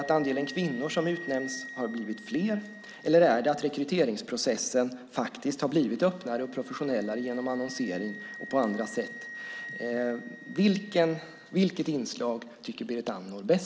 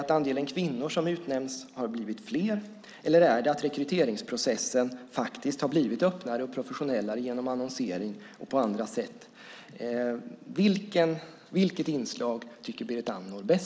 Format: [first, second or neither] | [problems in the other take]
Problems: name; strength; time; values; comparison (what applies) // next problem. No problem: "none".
second | background sound (Wind instrument, woodwind instrument); 17 dB below the speech